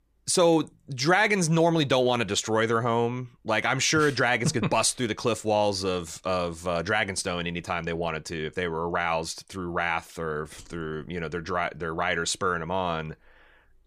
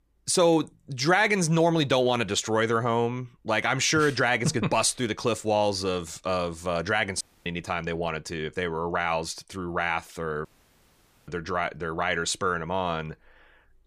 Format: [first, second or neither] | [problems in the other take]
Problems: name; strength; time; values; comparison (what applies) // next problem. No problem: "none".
first | audio cutting out; at 7 s and at 10 s for 1 s